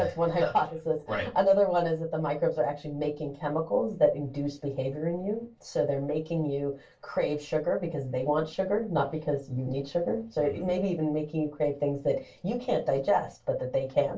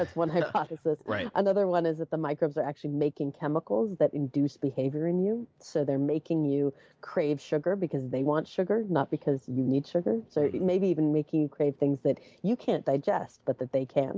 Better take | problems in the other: second | room echo; dies away in 0.2 s

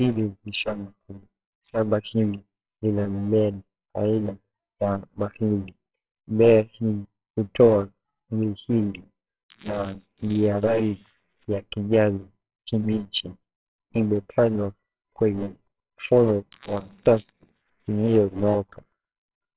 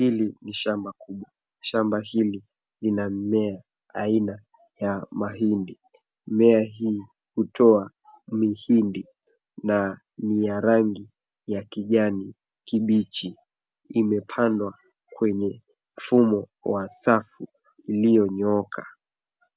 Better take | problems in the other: second | noise reduction (neural separator model SepFormer WHAMR!)

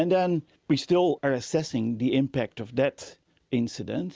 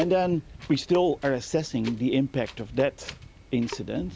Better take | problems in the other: first | background sound (Wind + Drip / Sink (filling or washing) / Water tap, faucet); 16 dB below the speech

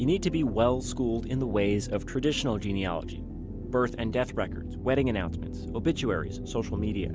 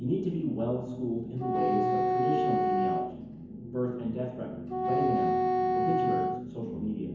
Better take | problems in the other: first | background sound (Wind instrument, woodwind instrument); 3 dB above the speech // room echo; dies away in 1 s

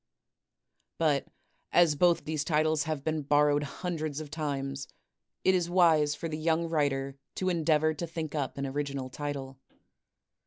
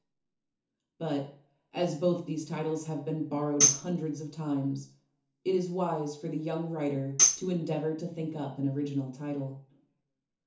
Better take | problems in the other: first | background sound (Tambourine); 3 dB above the speech // room echo; dies away in 0.9 s

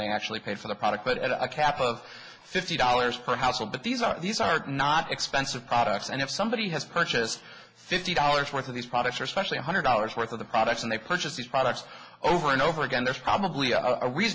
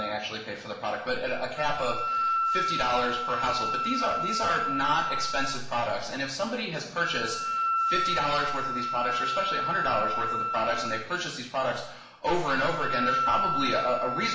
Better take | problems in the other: first | background sound (Wind instrument, woodwind instrument); 1 dB below the speech // room echo; dies away in 0.7 s

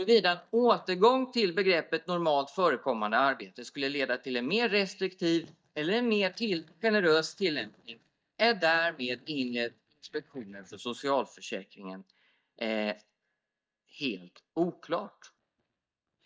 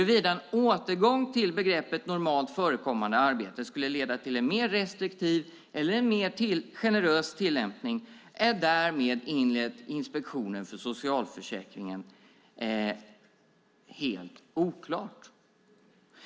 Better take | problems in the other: second | noise reduction (neural mask model DeepFilterNet 3)

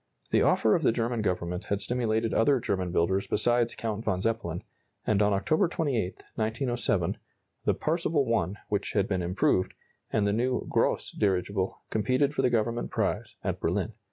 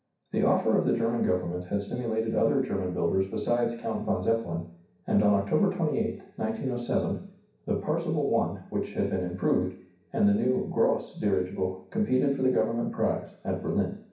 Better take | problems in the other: first | room echo; dies away in 0.6 s

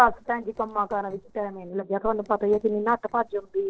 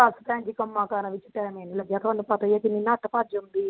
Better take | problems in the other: second | noise reduction (neural separator model SepFormer DNS4)

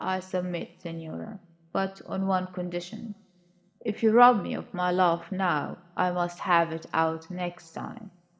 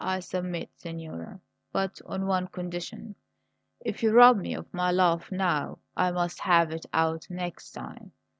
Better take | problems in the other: second | room echo; dies away in 2.5 s

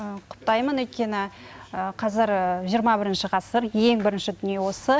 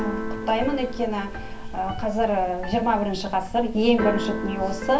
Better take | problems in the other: first | background sound (Keyboard (musical)); 6 dB below the speech // room echo; dies away in 0.3 s

